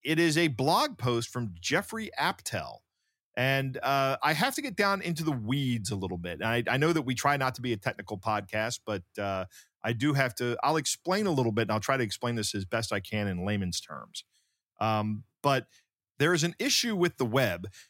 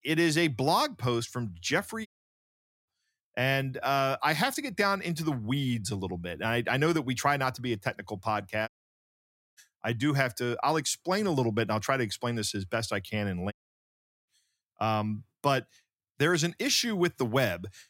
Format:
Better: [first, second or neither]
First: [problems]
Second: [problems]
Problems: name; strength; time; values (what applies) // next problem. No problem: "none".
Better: first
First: none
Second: audio cutting out; at 2 s for 1 s, at 8.5 s for 1 s and at 14 s for 1 s